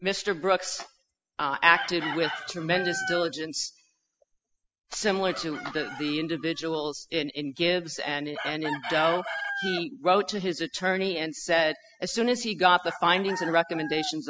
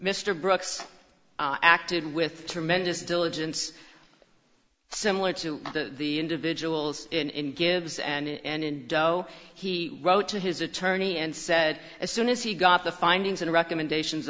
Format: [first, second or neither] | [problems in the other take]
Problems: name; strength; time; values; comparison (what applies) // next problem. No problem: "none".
second | noise reduction (classical method spectral subtraction)